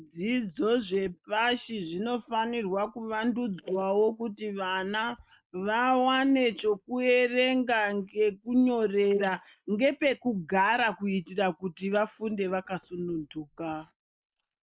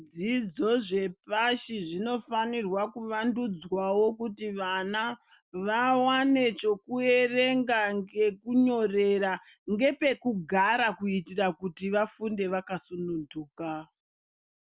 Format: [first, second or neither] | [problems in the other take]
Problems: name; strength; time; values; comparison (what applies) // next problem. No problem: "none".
second | noise reduction (neural mask model Resemble Enhance denoiser)